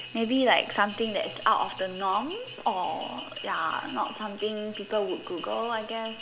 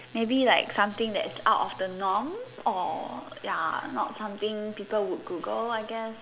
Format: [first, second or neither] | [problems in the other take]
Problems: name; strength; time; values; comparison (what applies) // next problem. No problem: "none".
second | background sound (Bell); 14 dB below the speech